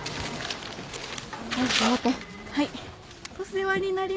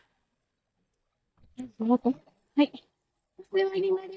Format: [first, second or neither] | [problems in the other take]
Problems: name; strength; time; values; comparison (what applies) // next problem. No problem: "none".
first | noise reduction (neural mask model DeepFilterNet 3)